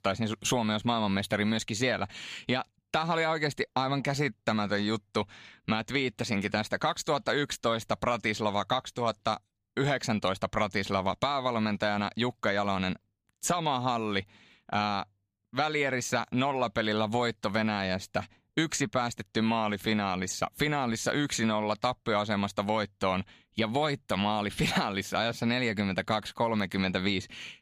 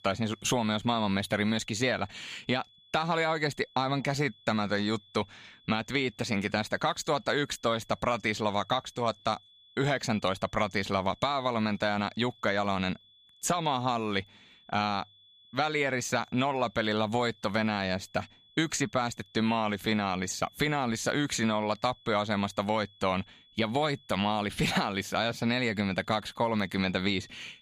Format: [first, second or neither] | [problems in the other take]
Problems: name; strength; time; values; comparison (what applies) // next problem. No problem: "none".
first | high-pitched whine; faint; throughout; 3.5 kHz, 25 dB below the speech